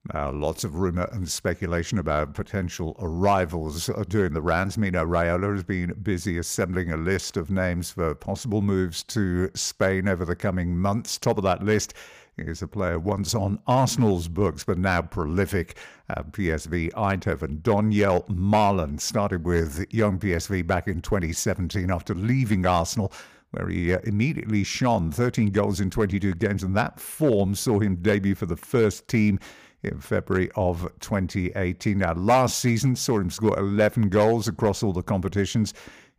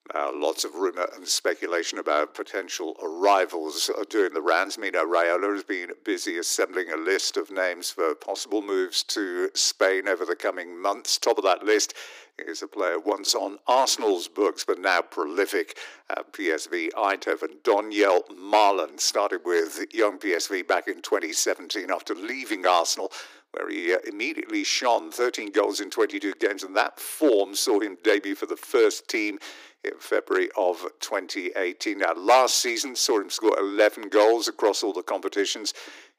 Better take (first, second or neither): first